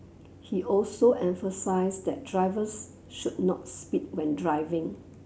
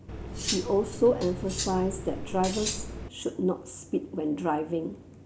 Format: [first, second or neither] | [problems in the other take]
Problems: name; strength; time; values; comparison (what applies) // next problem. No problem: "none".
first | background sound (Cutlery, silverware); 6 dB below the speech